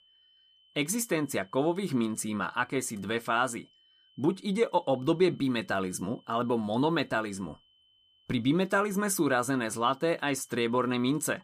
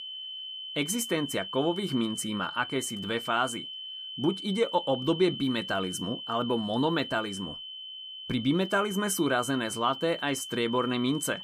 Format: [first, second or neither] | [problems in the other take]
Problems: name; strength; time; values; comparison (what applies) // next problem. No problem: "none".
first | high-pitched whine; loud; throughout; 3 kHz, 8 dB below the speech; faint in the first